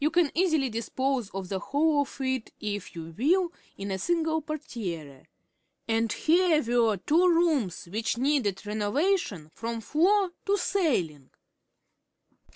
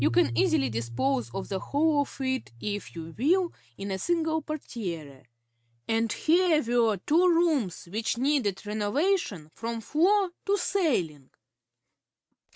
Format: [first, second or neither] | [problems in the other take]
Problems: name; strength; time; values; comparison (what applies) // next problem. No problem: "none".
first | noise reduction (neural mask model RNNoise)